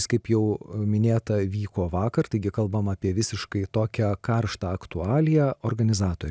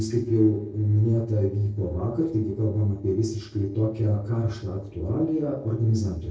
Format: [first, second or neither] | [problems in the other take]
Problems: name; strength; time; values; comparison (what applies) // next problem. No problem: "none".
first | noise reduction (neural separator model SepFormer DNS4)